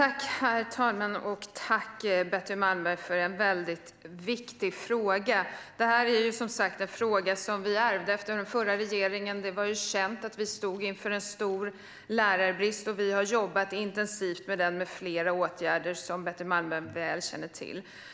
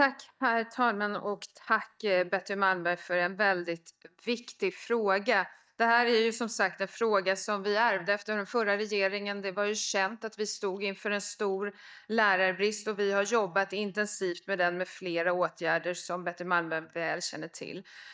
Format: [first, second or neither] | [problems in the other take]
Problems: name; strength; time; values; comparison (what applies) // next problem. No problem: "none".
first | noise reduction (neural mask model DeepFilterNet 3)